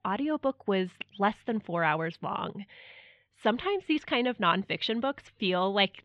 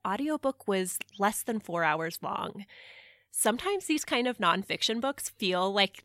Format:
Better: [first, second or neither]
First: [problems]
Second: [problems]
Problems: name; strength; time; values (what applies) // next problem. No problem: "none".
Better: second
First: muffled; slightly; fading above 3.5 kHz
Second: none